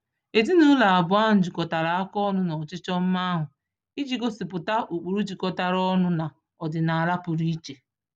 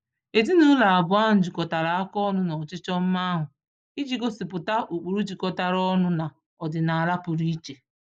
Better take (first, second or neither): first